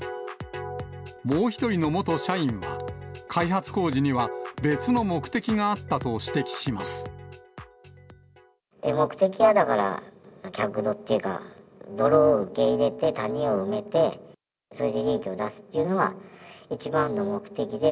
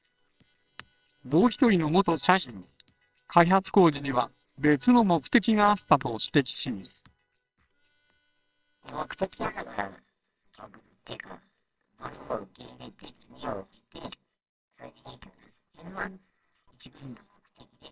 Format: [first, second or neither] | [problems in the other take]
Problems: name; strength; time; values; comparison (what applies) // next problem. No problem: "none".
first | noise reduction (neural separator model SepFormer WHAMR!)